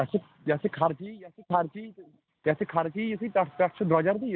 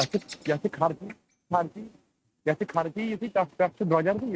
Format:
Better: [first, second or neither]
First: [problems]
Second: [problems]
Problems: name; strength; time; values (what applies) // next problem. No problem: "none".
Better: first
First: none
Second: noise reduction (neural mask model RNNoise)